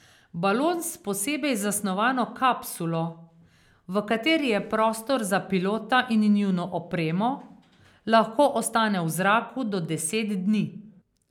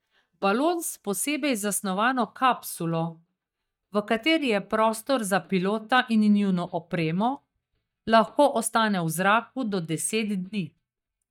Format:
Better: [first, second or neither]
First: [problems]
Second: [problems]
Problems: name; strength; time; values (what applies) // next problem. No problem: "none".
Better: first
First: none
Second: noise reduction (neural mask model DeepFilterNet 3)